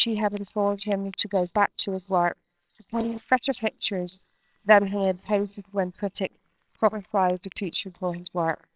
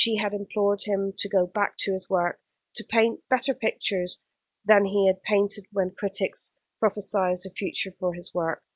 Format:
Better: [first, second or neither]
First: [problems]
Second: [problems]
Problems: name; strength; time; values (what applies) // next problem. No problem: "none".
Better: second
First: noise reduction (neural separator model SepFormer WHAMR!)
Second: none